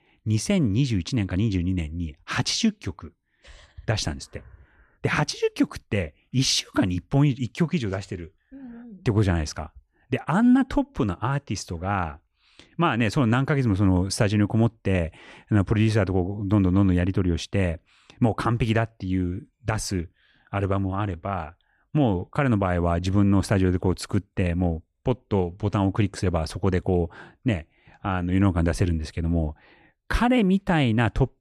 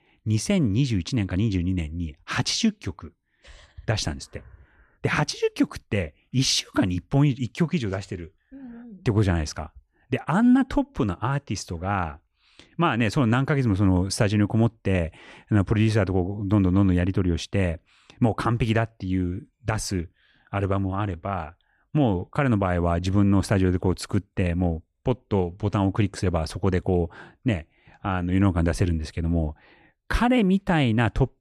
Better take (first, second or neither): neither